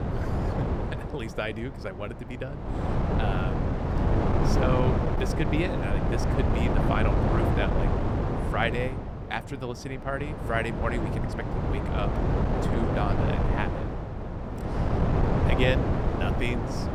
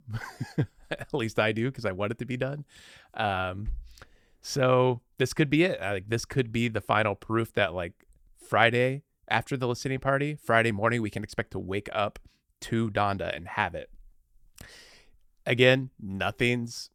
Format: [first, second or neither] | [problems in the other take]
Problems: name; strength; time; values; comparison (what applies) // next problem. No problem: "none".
second | wind noise on the microphone; heavy; 1 dB above the speech